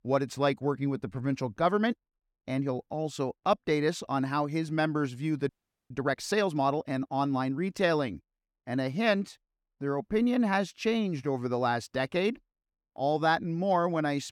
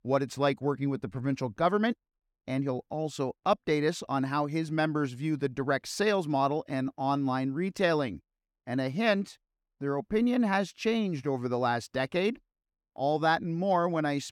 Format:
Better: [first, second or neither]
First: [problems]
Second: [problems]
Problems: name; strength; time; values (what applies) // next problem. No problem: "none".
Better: second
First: audio freezing; at 5.5 s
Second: none